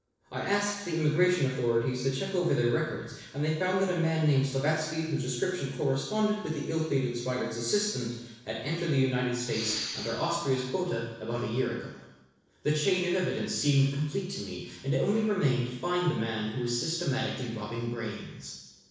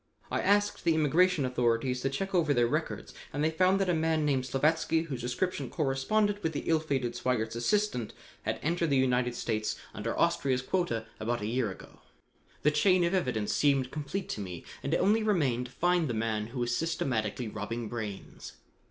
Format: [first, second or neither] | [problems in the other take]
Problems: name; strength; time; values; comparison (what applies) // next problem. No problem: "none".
second | noise reduction (neural separator model SepFormer DNS4)